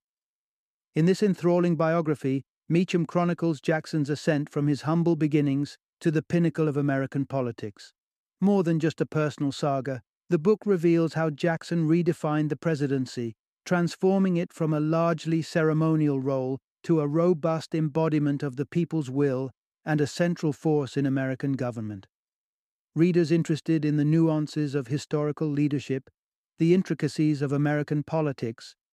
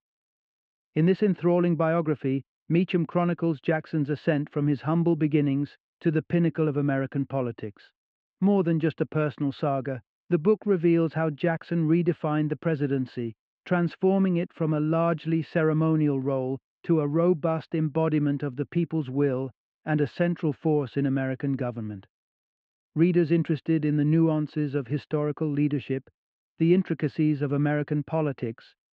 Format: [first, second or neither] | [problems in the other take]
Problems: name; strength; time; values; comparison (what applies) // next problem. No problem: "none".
first | muffled; slightly; fading above 3 kHz